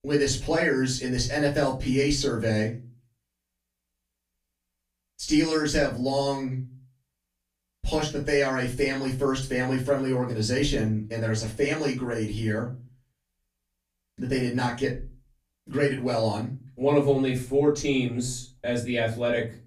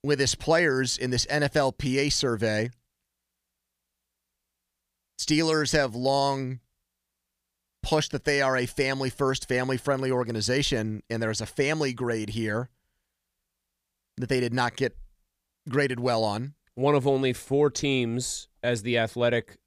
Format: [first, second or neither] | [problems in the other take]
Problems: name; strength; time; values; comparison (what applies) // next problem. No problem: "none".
second | off-mic speech; far // room echo; slight; dies away in 0.3 s